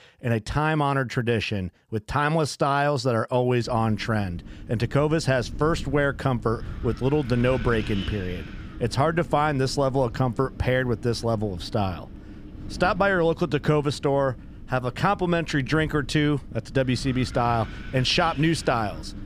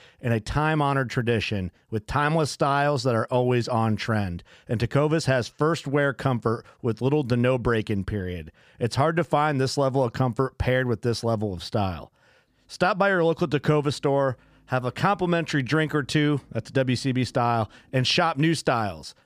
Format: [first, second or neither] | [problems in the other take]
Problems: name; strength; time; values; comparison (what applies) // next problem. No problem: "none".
second | wind noise on the microphone; occasional gusts; from 3.5 s on; 20 dB below the speech